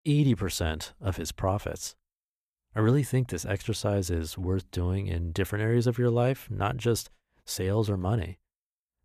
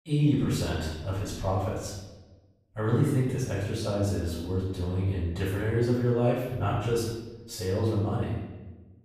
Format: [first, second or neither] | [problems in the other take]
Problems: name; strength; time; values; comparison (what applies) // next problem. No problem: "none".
first | off-mic speech; far // room echo; noticeable; dies away in 1 s